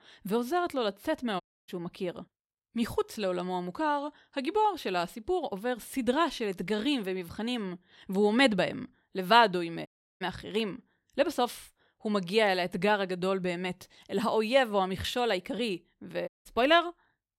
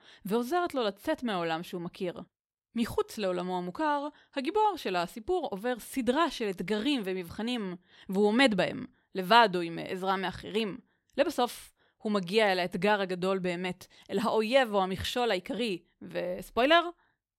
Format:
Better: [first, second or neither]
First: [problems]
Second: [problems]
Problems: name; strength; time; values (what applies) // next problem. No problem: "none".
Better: second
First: audio cutting out; at 1.5 s, at 10 s and at 16 s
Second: none